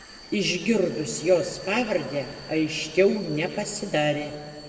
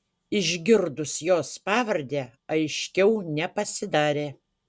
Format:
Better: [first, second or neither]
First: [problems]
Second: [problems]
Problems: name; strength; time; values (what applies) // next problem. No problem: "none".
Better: second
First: background sound (Vehicle); 18 dB below the speech // room echo; dies away in 1.7 s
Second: none